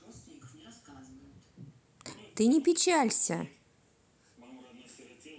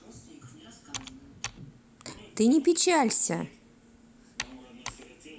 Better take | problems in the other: first | background sound (Computer keyboard); 17 dB below the speech

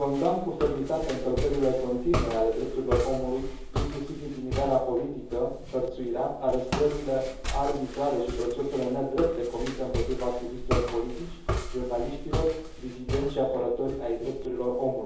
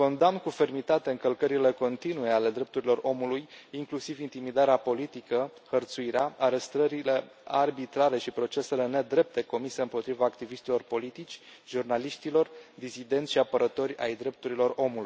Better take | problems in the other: second | background sound (Walk, footsteps); 5 dB below the speech // room echo; dies away in 0.7 s

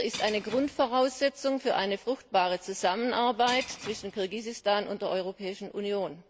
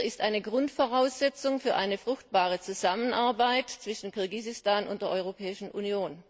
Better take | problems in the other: second | background sound (Shatter / Crushing); 17 dB below the speech

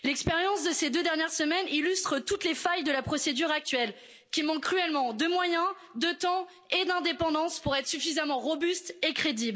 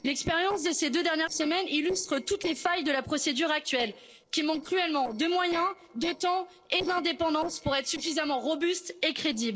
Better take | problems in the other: first | noise reduction (neural separator model SepFormer DNS4)

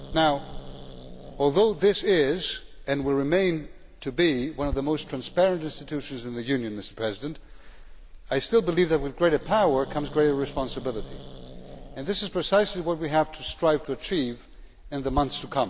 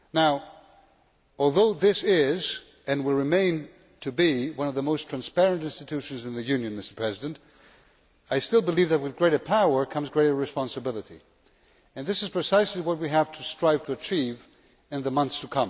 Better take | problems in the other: second | background sound (Growling); 14 dB below the speech

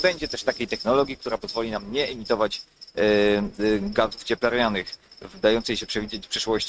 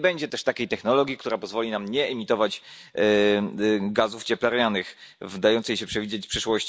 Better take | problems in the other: second | noise reduction (neural mask model RNNoise)

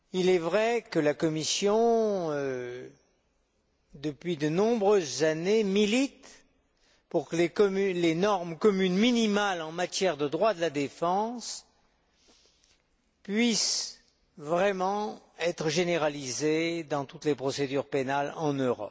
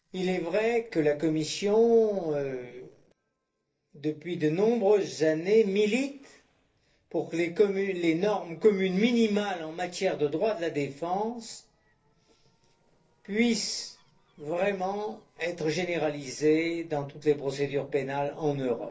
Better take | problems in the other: first | noise reduction (neural separator model SepFormer DNS4)

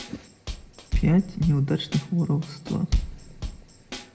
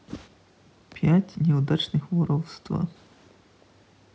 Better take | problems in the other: second | background sound (Drum kit); 5 dB below the speech // room echo; dies away in 1.6 s

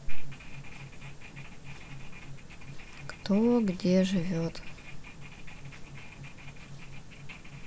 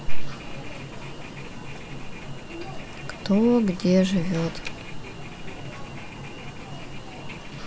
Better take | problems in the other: first | background sound (Alarm); 16 dB below the speech

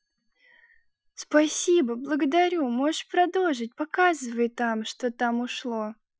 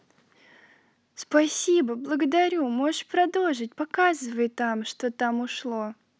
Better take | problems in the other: second | noise reduction (classical method Wiener filter)

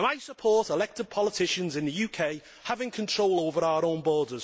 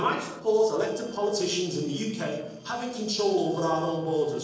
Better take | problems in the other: first | noise reduction (neural separator model SepFormer DNS4)

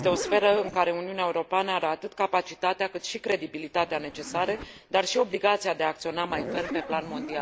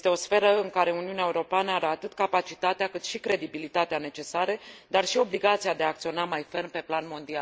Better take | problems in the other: second | background sound (Zipper (clothing)); 12 dB below the speech

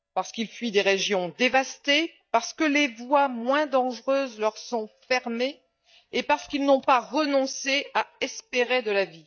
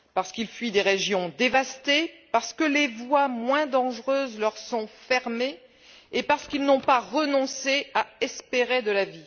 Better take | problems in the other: second | noise reduction (neural mask model DeepFilterNet 3)

